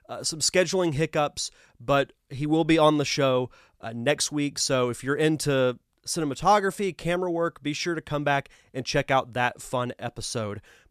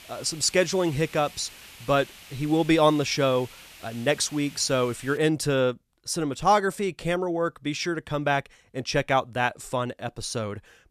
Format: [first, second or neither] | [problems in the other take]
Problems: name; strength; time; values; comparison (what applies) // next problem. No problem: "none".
first | hiss; noticeable; until 5 s; 20 dB below the speech